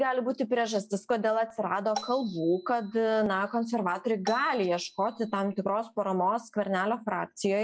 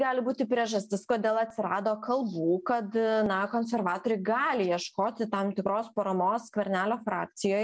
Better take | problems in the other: second | noise reduction (classical method log-MMSE)

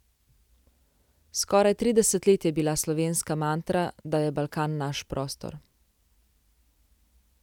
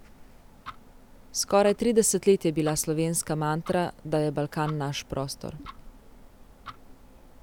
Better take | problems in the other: first | background sound (Tick-tock); 19 dB below the speech

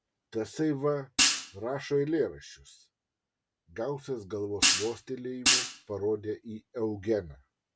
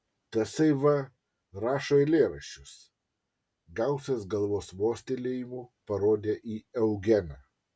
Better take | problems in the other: second | background sound (Hi-hat); 5 dB above the speech

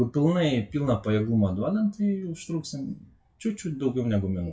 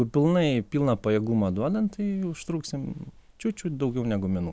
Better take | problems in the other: second | noise reduction (classical method WPE with log-MMSE)

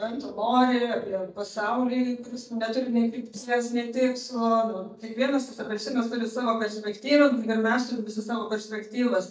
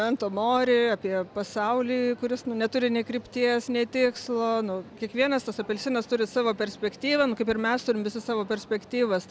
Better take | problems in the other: second | noise reduction (neural mask model DeepFilterNet 3)

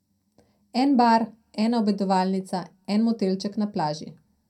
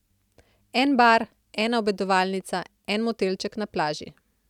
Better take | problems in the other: second | room echo; dies away in 0.2 s

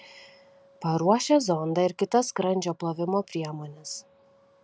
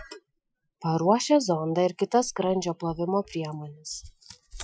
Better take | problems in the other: first | noise reduction (classical method Wiener filter)

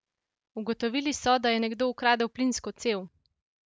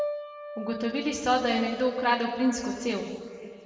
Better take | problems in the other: first | background sound (Piano); 11 dB below the speech // room echo; dies away in 2 s

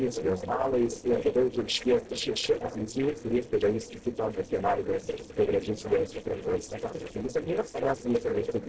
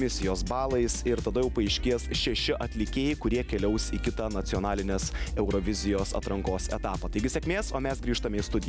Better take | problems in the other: second | noise reduction (neural separator model SepFormer DNS4)

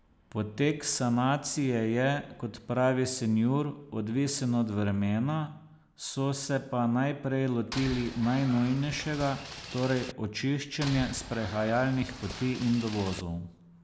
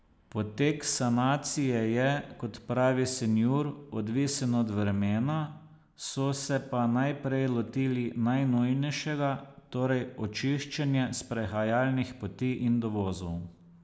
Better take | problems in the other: second | background sound (Boat, Water vehicle); 11 dB below the speech

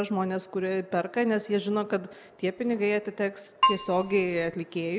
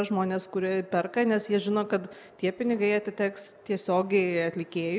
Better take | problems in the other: second | background sound (Keyboard (musical)); as loud as the speech

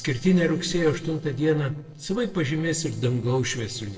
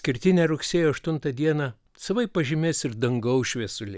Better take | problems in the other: second | noise reduction (neural separator model SepFormer DNS4)

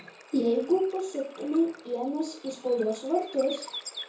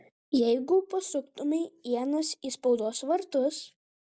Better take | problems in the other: second | background sound (Water / Bird); 16 dB below the speech // room echo; dies away in 0.6 s

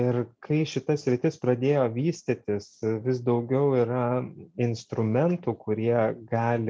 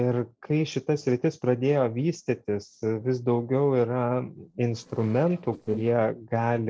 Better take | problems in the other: first | noise reduction (neural separator model SepFormer DNS4)

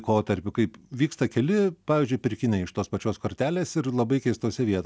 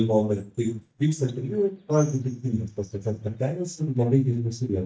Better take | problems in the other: first | noise reduction (neural mask model DeepFilterNet 3)

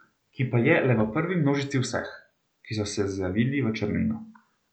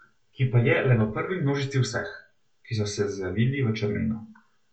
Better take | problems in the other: first | room echo; dies away in 0.1 s

